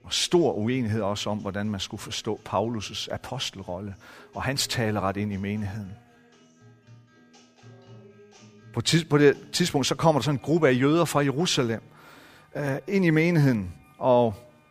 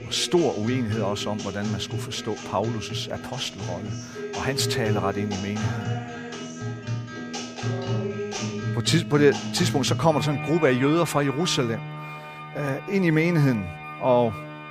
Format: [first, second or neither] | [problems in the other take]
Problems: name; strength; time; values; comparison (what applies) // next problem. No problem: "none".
first | background music; loud; throughout; 7 dB below the speech; faint in the first